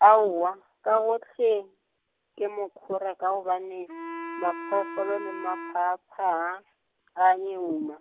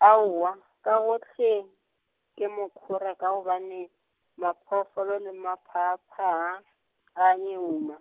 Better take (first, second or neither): second